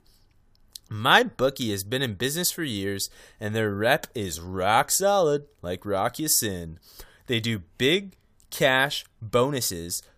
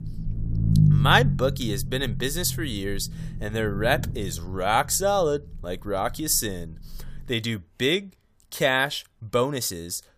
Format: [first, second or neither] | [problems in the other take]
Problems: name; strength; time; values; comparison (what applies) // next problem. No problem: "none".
first | low rumble; noticeable; until 7.5 s; 10 dB below the speech